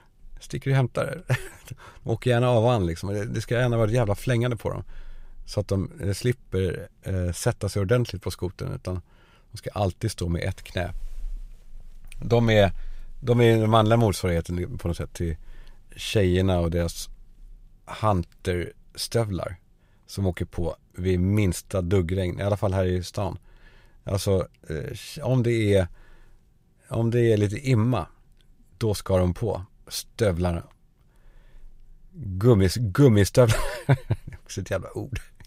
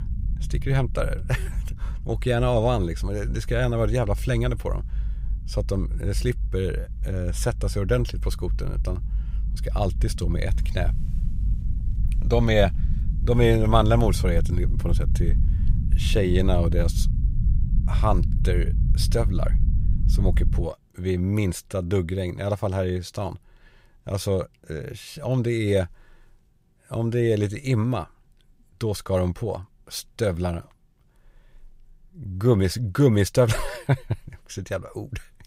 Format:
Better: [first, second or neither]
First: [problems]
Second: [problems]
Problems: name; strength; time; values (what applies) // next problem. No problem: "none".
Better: first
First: none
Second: low rumble; noticeable; until 21 s; 15 dB below the speech